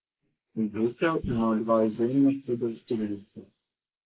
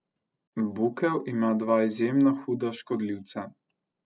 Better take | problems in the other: second | noise reduction (neural mask model Resemble Enhance denoiser)

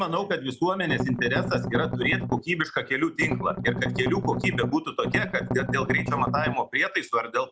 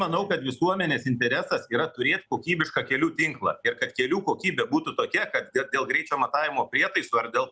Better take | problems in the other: second | background sound (Strum); 2 dB below the speech

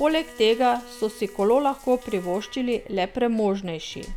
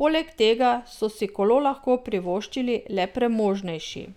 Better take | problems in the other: second | background sound (Bowed string instrument + Drip / Trickle, dribble / Bathtub (filling or washing) / Water tap, faucet); 20 dB below the speech

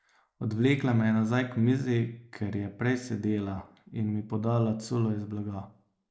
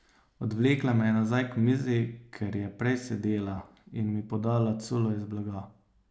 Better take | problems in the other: second | noise reduction (neural mask model Resemble Enhance denoiser)

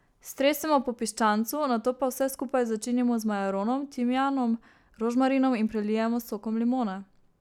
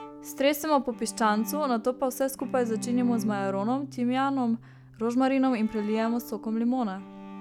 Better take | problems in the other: first | background sound (Bowed string instrument); 13 dB below the speech

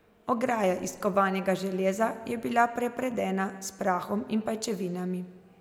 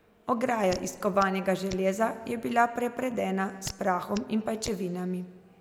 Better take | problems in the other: first | background sound (Hands); 17 dB below the speech

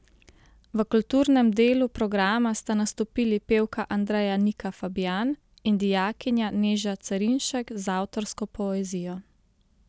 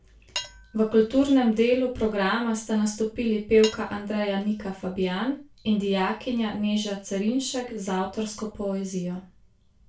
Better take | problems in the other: first | background sound (Cutlery, silverware / Dishes, pots, and pans); 17 dB below the speech // room echo; dies away in 0.3 s

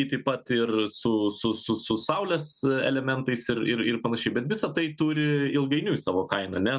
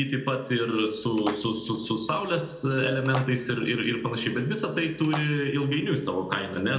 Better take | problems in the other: first | background sound (Splash, splatter); 16 dB below the speech // room echo; dies away in 0.8 s

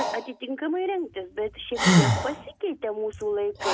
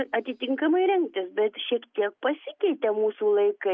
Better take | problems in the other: second | background sound (Breathing); 3 dB above the speech

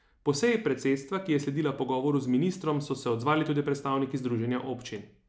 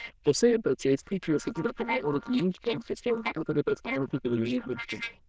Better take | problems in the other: first | noise reduction (neural diffusion model UNIVERSE++)

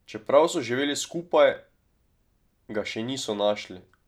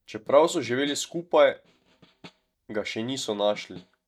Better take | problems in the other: first | noise reduction (neural mask model DeepFilterNet 3)

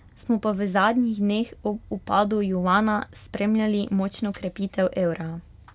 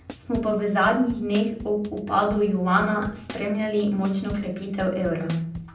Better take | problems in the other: first | background sound (Drum kit); 17 dB below the speech // room echo; dies away in 0.6 s

